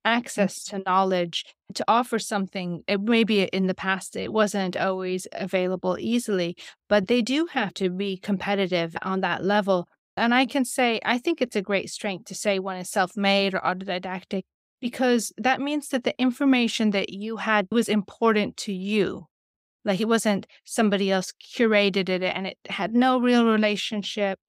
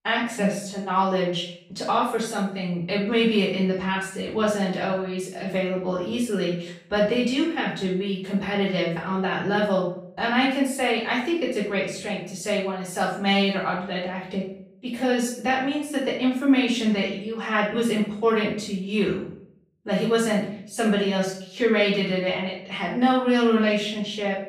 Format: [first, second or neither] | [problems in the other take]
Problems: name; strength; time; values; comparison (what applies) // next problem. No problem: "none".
first | off-mic speech; far // room echo; noticeable; dies away in 0.6 s